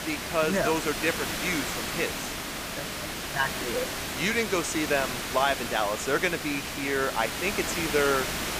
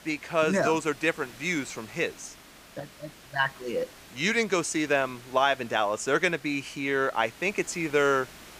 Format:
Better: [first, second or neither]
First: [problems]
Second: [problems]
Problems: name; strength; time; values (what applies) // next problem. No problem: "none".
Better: second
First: hiss; loud; throughout; 3 dB below the speech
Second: hiss; faint; throughout; 20 dB below the speech